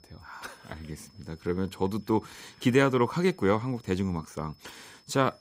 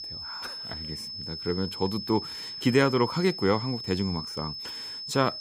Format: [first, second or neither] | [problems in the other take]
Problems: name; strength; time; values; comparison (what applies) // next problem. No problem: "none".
first | high-pitched whine; loud; throughout; 5 kHz, 7 dB below the speech; faint in the first